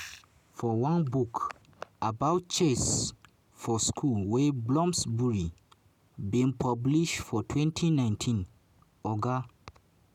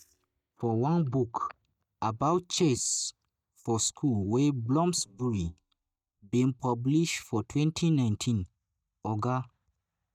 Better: first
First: none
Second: noise reduction (neural mask model DeepFilterNet 3)

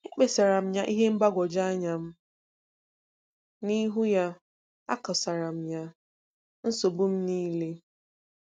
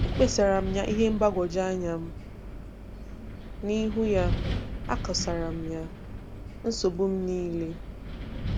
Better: first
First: none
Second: background sound (Wind); 4 dB below the speech

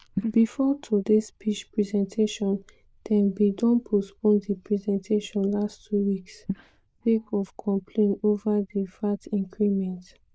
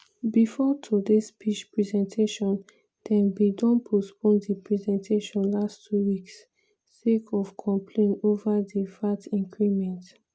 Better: second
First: noise reduction (neural diffusion model UNIVERSE++)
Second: none

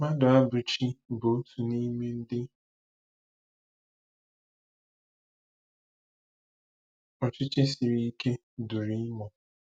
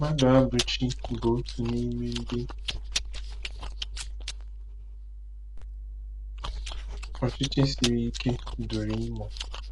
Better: first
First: none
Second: background sound (Chewing, mastication); 5 dB below the speech

